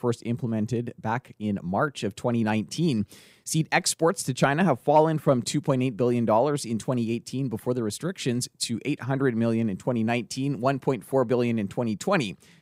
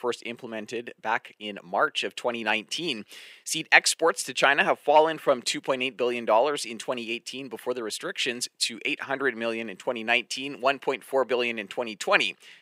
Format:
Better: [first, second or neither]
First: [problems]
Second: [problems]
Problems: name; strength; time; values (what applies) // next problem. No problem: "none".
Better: first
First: none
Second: thin; somewhat; fading below 450 Hz